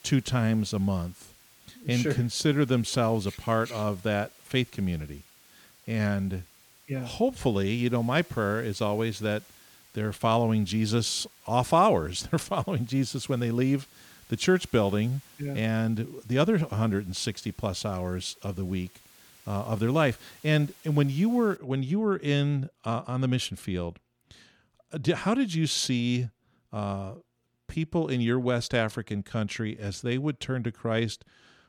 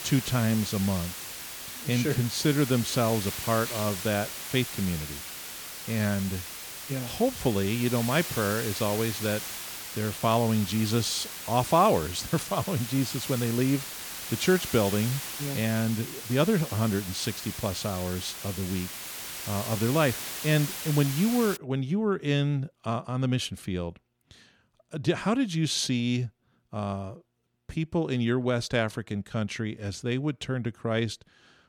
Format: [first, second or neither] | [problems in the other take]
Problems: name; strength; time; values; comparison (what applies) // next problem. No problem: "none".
first | hiss; loud; until 22 s; 7 dB below the speech; faint in the first